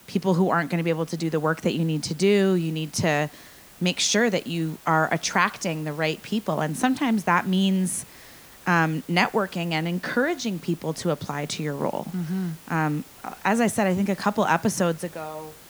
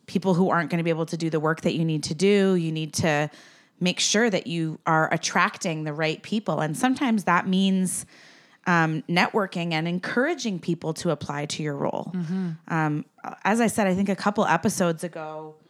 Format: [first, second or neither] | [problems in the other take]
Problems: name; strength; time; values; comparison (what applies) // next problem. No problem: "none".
second | hiss; faint; throughout; 20 dB below the speech